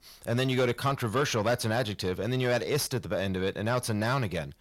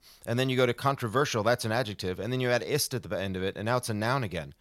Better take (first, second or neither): second